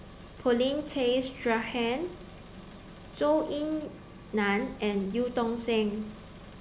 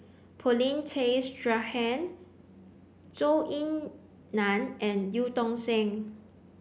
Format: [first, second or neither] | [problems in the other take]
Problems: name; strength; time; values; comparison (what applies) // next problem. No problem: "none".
second | background sound (Engine); 17 dB below the speech